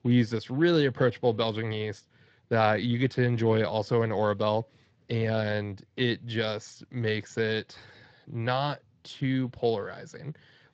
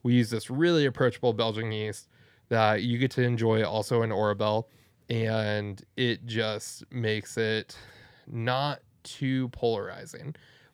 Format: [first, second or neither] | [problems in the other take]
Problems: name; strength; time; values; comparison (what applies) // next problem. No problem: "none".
second | garbled, watery; slightly